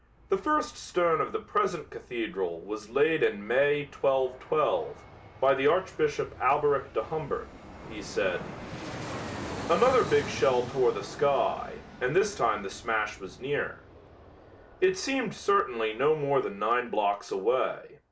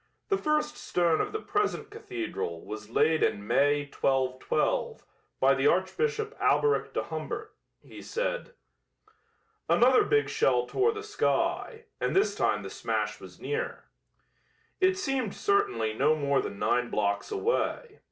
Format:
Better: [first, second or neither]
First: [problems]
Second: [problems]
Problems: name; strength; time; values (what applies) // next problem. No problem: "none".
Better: second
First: background sound (Fixed-wing aircraft, airplane); 15 dB below the speech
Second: none